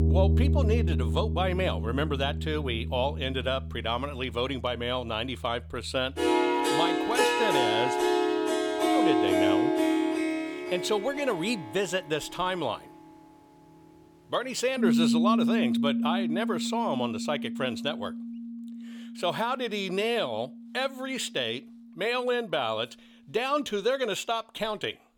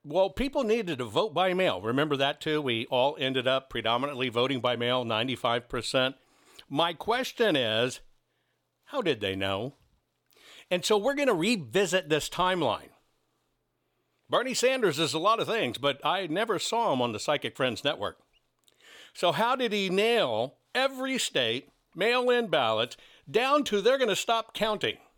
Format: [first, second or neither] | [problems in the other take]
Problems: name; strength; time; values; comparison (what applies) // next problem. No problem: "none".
second | background music; very loud; throughout; 3 dB above the speech